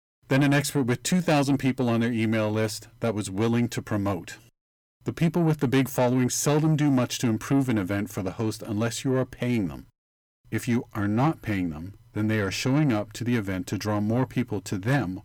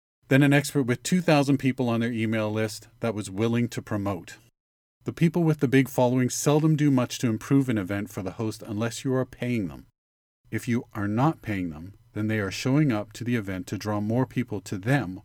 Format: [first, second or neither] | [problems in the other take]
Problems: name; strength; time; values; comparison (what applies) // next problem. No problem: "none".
second | distortion; slight; 10 dB below the speech